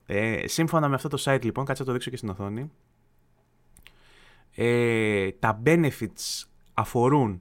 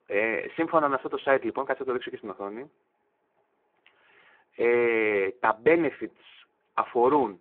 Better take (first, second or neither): first